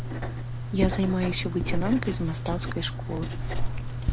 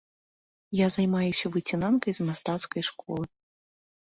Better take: second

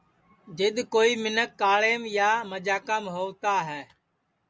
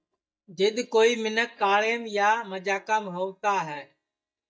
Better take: first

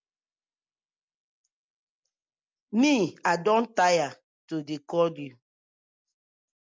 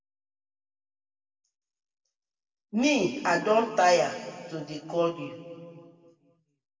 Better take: first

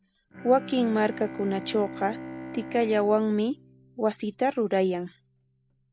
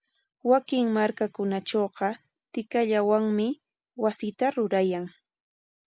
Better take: second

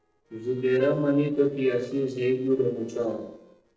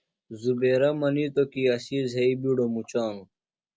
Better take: second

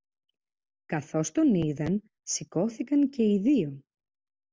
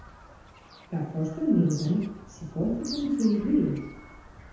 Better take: first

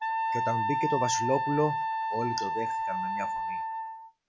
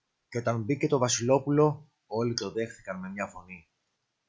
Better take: second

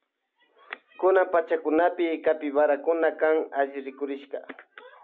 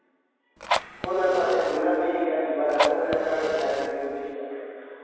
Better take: first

